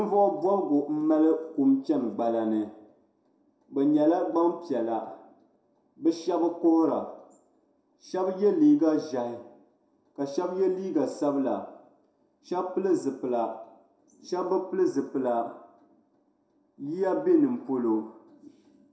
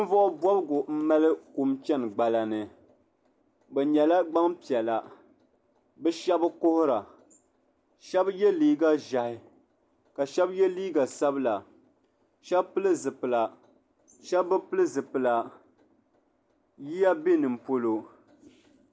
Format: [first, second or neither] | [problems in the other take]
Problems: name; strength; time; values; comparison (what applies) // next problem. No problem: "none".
second | room echo; dies away in 0.5 s